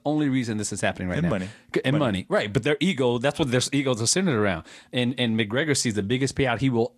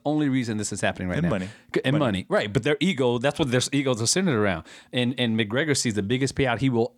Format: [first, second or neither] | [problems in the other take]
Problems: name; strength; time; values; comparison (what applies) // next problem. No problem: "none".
second | garbled, watery; slightly